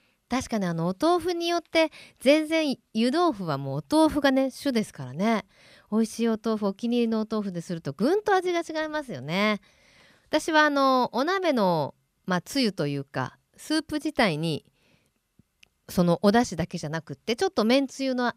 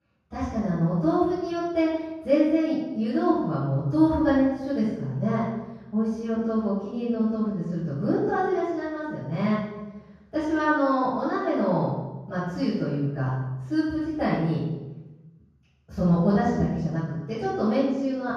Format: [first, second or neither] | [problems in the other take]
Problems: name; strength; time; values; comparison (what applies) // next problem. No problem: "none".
first | room echo; strong; dies away in 1.3 s // off-mic speech; far